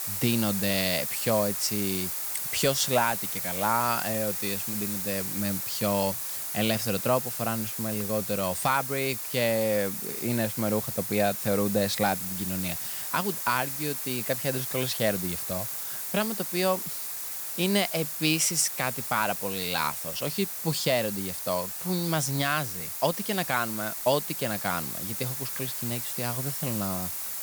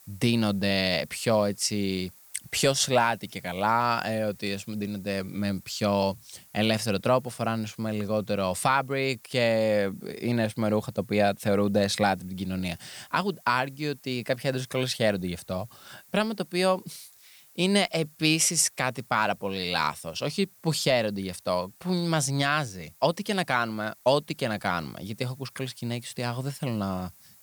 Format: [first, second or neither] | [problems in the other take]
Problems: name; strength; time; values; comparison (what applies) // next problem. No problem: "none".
second | hiss; loud; throughout; 2 dB below the speech; faint in the second